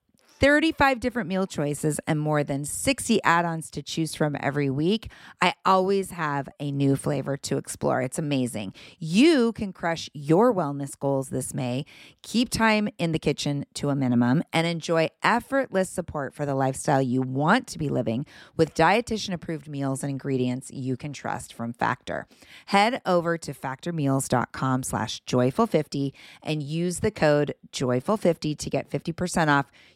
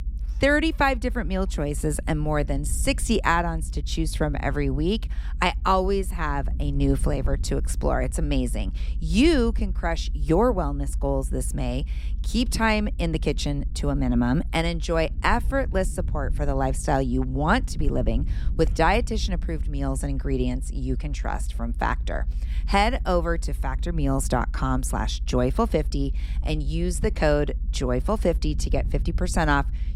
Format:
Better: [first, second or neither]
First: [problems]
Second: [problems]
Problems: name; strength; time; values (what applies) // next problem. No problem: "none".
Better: first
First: none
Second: low rumble; faint; throughout; 25 dB below the speech